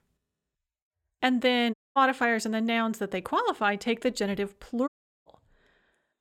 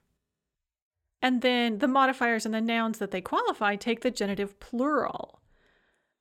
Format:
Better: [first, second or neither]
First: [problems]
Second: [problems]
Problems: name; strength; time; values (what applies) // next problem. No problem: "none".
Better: second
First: audio cutting out; at 1.5 s and at 5 s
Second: none